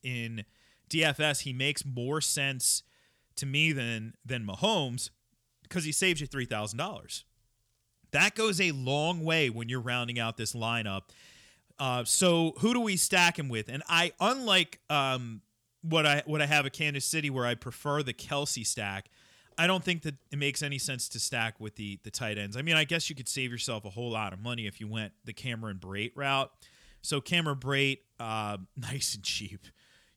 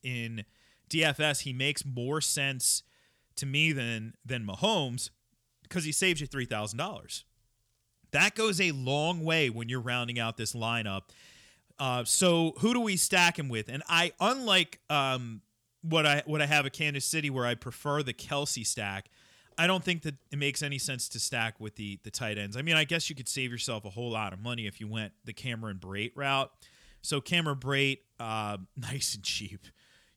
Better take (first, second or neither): neither